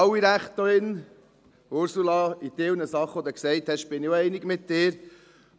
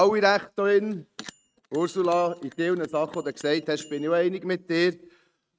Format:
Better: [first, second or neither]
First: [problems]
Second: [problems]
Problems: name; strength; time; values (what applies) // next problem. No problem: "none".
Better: first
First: none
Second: noise reduction (neural mask model RNNoise)